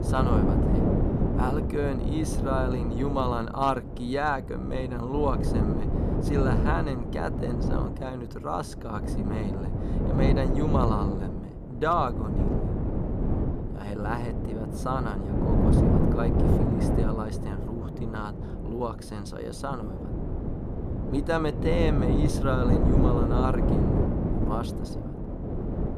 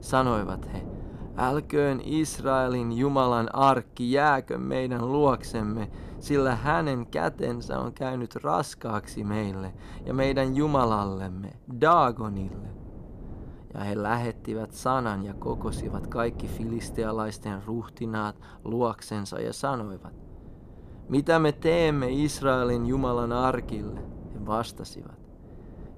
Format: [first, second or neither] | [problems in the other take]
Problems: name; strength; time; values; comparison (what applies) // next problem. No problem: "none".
second | wind noise on the microphone; heavy; 3 dB below the speech; occasional gusts in the second